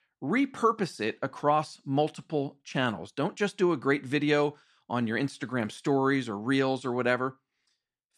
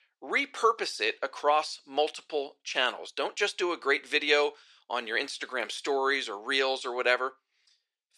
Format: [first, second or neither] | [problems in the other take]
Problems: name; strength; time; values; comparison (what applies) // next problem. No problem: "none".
first | thin; very; fading below 450 Hz